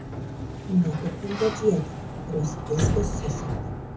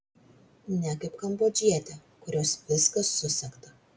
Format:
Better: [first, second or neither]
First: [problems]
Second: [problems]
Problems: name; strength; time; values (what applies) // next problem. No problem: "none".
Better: second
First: background sound (Sliding door); 2 dB below the speech // room echo; dies away in 0.3 s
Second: none